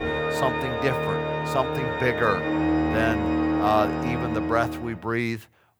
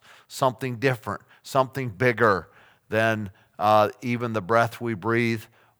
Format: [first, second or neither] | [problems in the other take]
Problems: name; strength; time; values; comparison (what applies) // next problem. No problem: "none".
second | background music; very loud; until 4.5 s; 1 dB above the speech